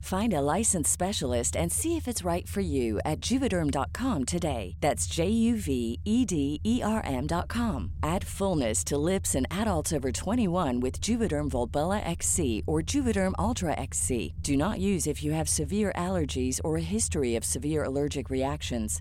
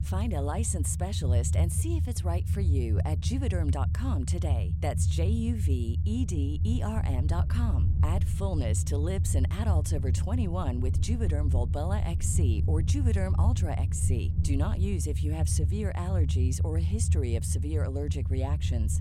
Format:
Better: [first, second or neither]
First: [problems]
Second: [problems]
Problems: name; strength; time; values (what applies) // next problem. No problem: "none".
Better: first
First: low rumble; faint; throughout; 25 dB below the speech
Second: low rumble; loud; throughout; 6 dB below the speech